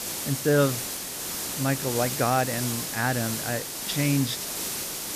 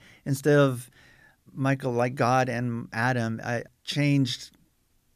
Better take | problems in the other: second | hiss; loud; throughout; 3 dB below the speech

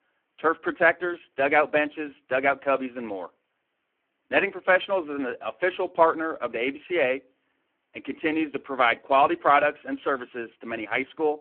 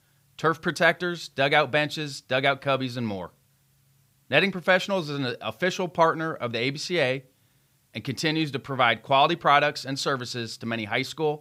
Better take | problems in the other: second | phone-call audio; poor line

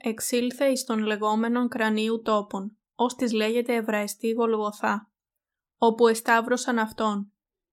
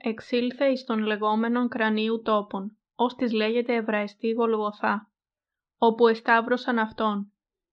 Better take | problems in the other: first | muffled; slightly; fading above 4 kHz

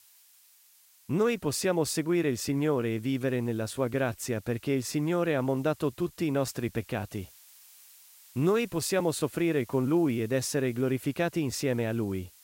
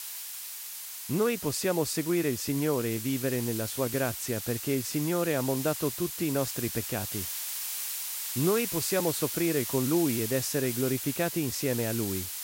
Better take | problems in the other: first | hiss; loud; throughout; 4 dB below the speech; faint in the first

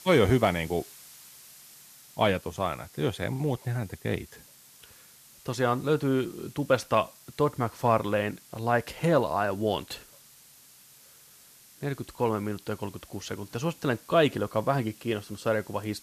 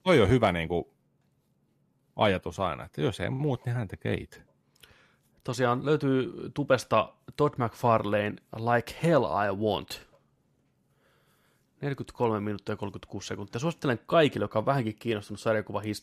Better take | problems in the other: second | hiss; faint; throughout; 20 dB below the speech

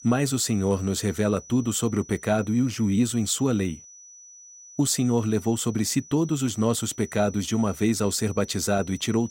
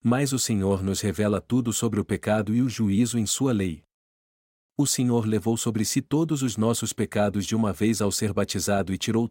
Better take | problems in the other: second | high-pitched whine; noticeable; throughout; 6 kHz, 20 dB below the speech

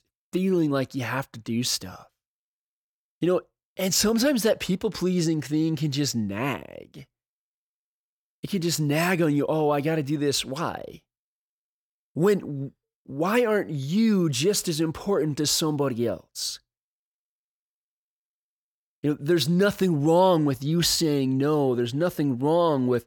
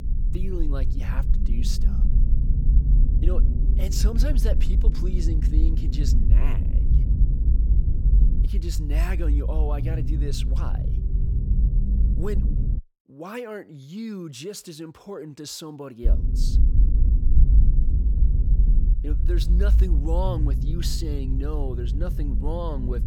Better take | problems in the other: first | low rumble; loud; until 13 s and from 16 s on; 5 dB below the speech

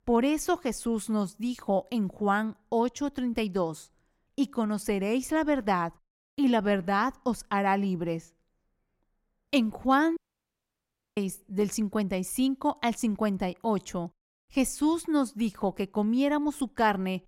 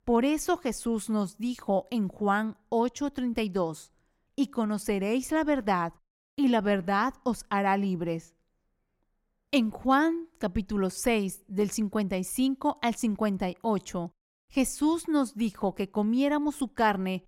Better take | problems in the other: second | audio cutting out; at 10 s for 1 s

